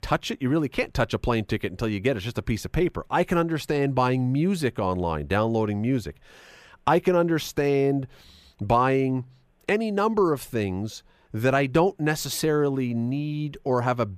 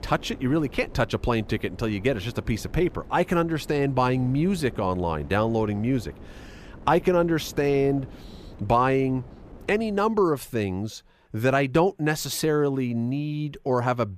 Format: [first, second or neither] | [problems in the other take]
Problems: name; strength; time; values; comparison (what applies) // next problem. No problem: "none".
first | wind noise on the microphone; occasional gusts; until 10 s; 25 dB below the speech